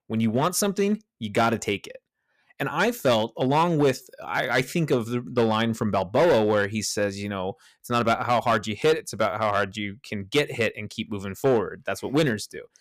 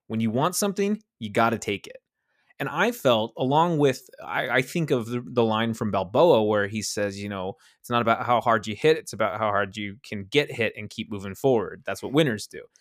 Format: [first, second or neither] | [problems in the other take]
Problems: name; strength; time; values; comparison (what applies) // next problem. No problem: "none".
second | distortion; slight; 4% of the sound clipped